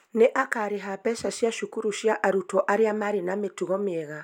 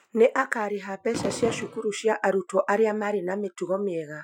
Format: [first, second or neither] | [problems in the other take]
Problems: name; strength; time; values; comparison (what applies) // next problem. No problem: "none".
first | noise reduction (classical method Wiener filter)